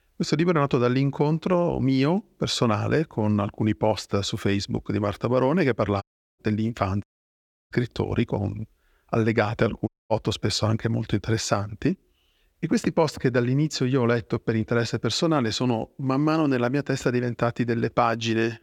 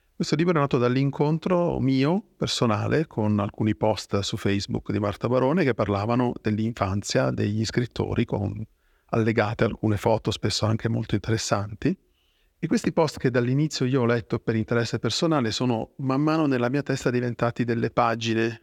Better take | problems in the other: second | audio cutting out; at 6 s, at 7 s for 0.5 s and at 10 s

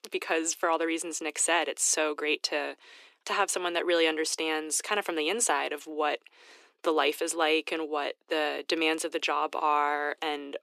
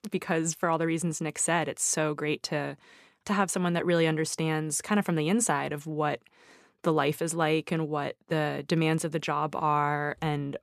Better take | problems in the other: second | thin; very; fading below 300 Hz

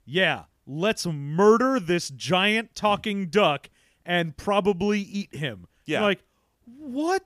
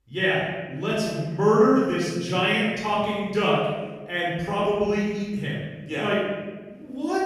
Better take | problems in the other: first | room echo; strong; dies away in 1.3 s // off-mic speech; far

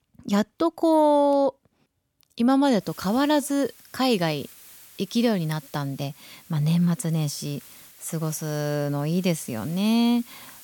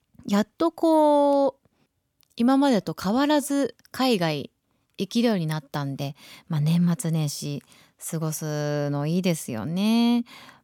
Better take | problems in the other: second | hiss; faint; from 3 s on; 20 dB below the speech

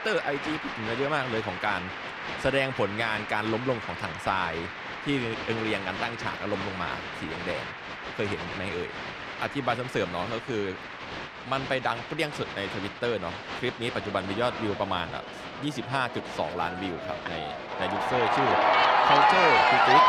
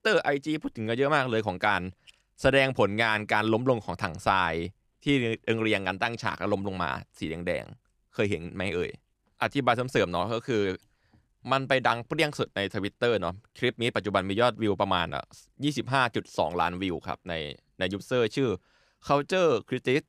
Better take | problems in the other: second | crowd noise; very loud; throughout; 1 dB above the speech

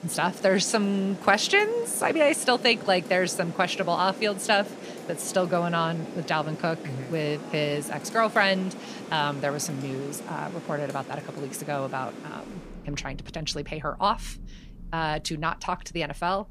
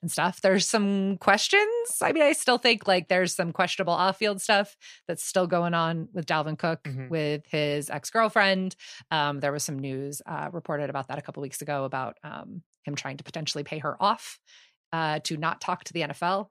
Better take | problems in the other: second | rain or running water; noticeable; throughout; 15 dB below the speech

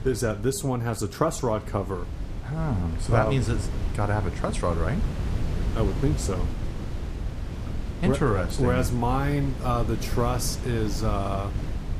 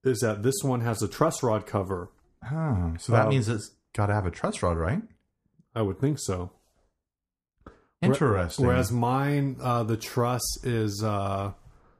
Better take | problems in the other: second | wind noise on the microphone; occasional gusts; 10 dB below the speech

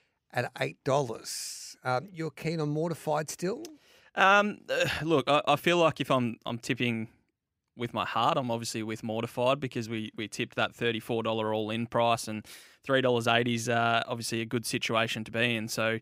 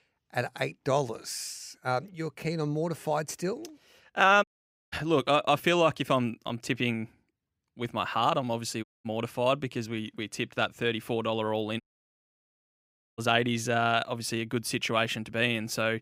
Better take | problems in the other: first | audio cutting out; at 4.5 s, at 9 s and at 12 s for 1.5 s

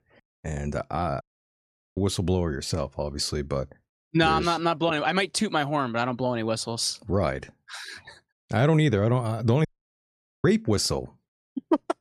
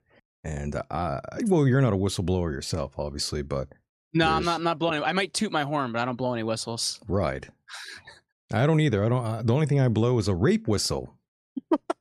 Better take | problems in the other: second | audio cutting out; at 1 s for 1 s and at 9.5 s for 1 s

